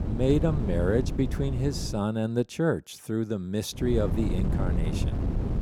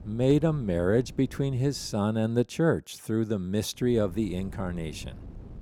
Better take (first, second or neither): second